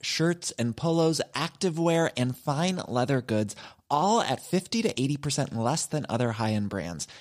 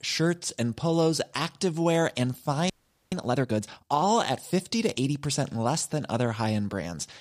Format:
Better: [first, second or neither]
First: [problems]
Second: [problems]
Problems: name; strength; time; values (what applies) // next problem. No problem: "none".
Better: first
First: none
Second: audio freezing; at 2.5 s